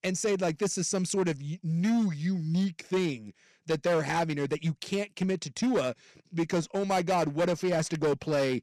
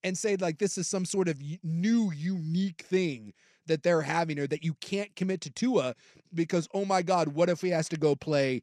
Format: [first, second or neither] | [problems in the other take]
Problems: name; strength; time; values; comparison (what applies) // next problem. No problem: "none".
second | distortion; slight; 10% of the sound clipped